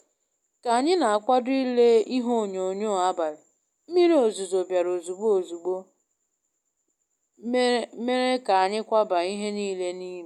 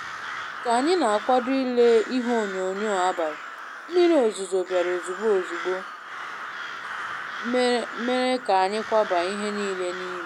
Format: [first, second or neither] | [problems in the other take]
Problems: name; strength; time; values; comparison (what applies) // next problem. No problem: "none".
first | background sound (Crow); 10 dB below the speech